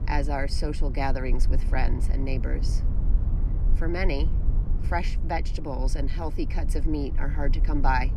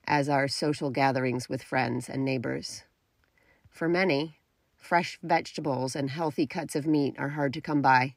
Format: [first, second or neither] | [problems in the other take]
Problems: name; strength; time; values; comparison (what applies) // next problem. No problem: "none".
second | low rumble; noticeable; throughout; 15 dB below the speech